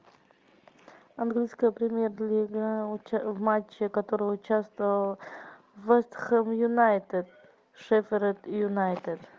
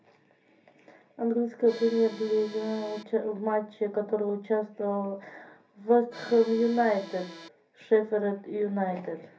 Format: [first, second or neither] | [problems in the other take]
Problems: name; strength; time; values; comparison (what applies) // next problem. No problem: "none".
first | background sound (Accordion); 16 dB below the speech // room echo; dies away in 0.3 s